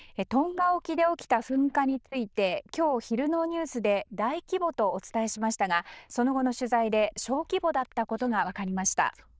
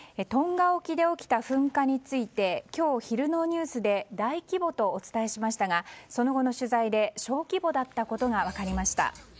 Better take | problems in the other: second | noise reduction (neural diffusion model UNIVERSE++)

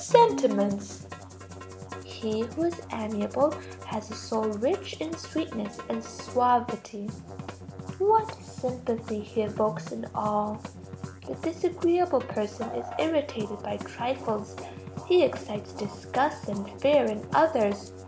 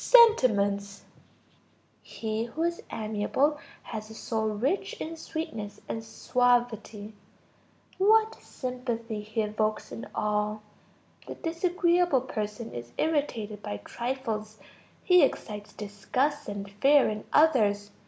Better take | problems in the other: second | background sound (Musical instrument); 12 dB below the speech

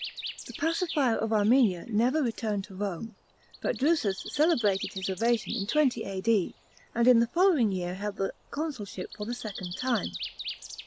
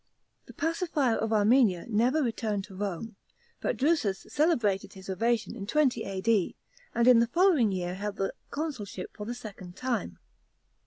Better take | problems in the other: second | background sound (Bird); 13 dB below the speech

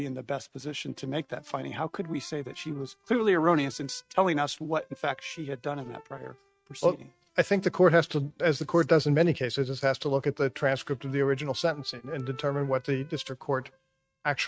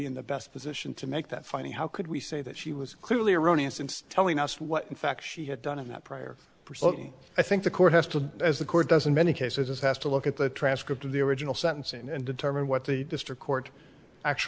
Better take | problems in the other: second | noise reduction (neural mask model RNNoise)

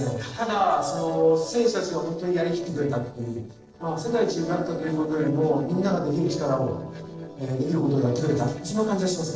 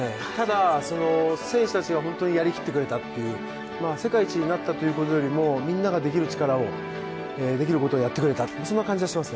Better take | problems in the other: second | noise reduction (neural separator model SepFormer DNS4)

